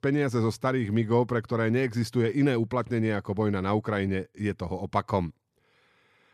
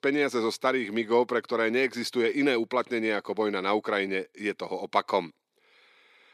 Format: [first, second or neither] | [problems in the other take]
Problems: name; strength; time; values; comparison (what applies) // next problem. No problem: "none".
first | thin; somewhat; fading below 300 Hz